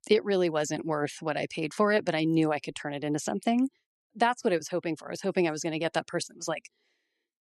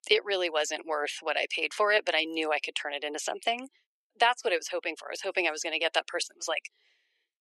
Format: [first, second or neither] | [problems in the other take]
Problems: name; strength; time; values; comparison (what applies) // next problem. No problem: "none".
first | thin; very; fading below 450 Hz